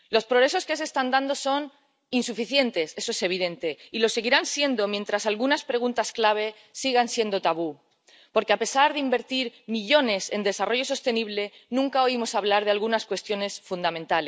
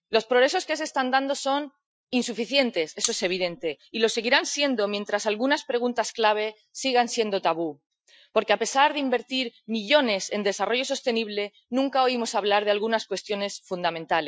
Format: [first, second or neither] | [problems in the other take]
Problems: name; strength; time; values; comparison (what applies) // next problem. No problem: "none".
first | noise reduction (classical method Wiener filter)